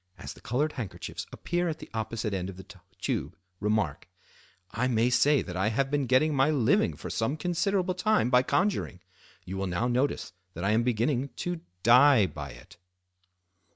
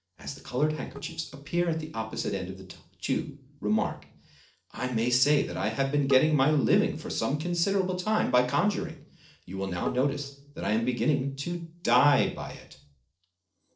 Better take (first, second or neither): first